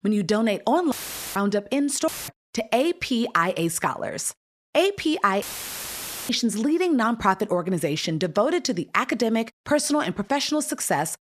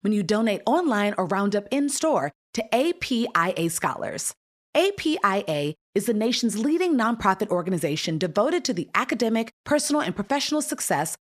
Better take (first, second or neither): second